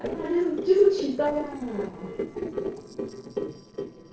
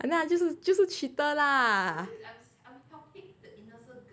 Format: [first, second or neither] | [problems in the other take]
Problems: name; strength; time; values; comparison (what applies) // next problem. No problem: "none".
second | noise reduction (neural separator model SepFormer DNS4)